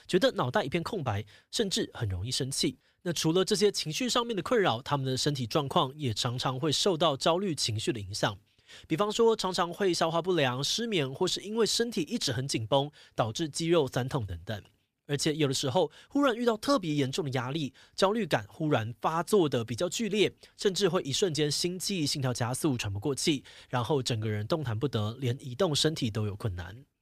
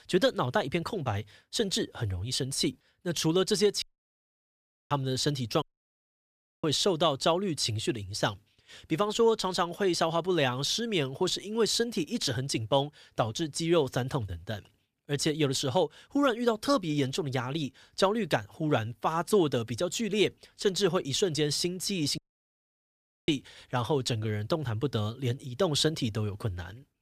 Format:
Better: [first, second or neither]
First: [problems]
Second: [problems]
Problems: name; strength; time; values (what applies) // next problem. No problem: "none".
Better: first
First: none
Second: audio cutting out; at 4 s for 1 s, at 5.5 s for 1 s and at 22 s for 1 s